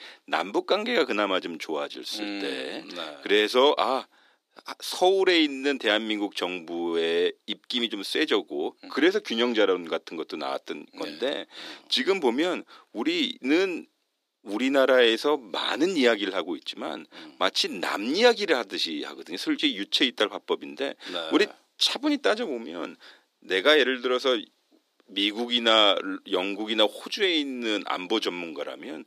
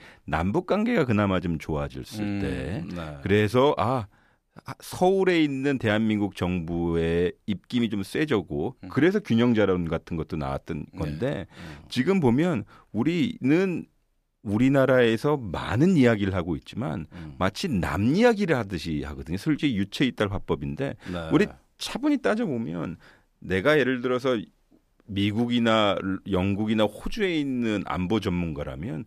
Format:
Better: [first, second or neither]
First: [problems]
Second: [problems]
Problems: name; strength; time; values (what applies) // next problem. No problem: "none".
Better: second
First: thin; somewhat; fading below 300 Hz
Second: none